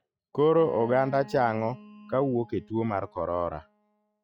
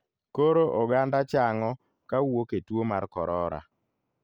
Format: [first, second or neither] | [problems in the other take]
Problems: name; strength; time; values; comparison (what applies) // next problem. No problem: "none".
second | noise reduction (classical method log-MMSE)